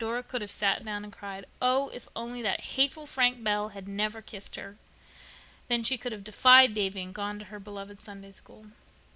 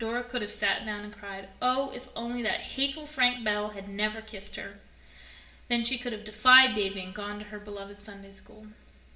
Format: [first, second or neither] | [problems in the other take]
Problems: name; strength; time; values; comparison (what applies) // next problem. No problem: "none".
first | room echo; dies away in 0.9 s